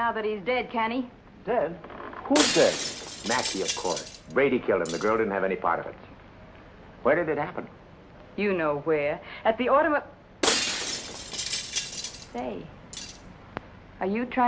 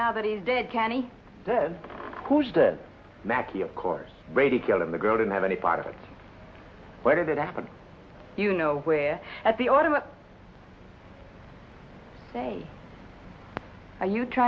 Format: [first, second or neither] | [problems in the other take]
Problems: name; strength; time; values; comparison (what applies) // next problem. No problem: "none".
second | background sound (Shatter); 4 dB below the speech